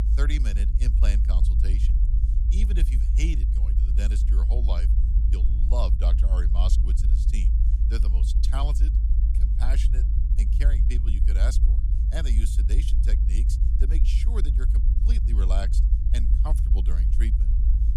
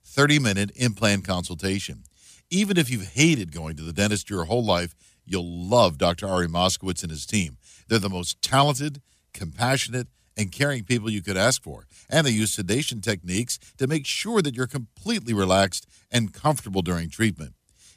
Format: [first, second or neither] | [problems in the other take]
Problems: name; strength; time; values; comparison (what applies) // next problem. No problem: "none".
second | low rumble; loud; throughout; 4 dB below the speech